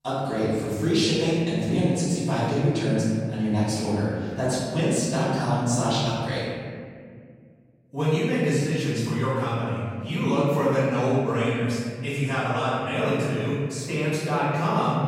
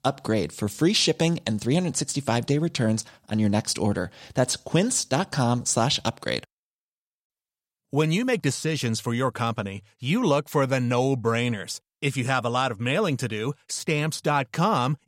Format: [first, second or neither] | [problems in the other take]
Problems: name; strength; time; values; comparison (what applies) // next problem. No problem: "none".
second | room echo; strong; dies away in 2 s // off-mic speech; far